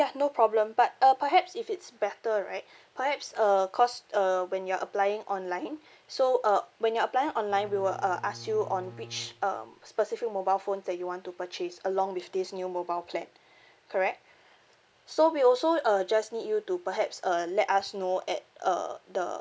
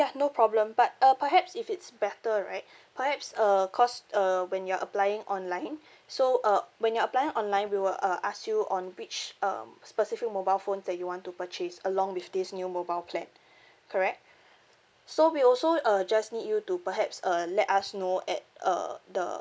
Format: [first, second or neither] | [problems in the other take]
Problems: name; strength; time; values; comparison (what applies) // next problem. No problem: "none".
second | background sound (Bowed string instrument); 20 dB below the speech